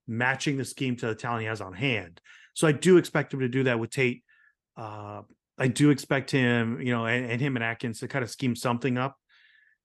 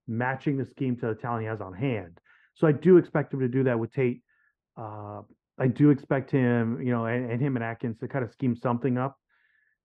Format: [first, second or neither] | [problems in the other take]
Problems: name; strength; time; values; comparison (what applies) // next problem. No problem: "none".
first | muffled; very; fading above 3.5 kHz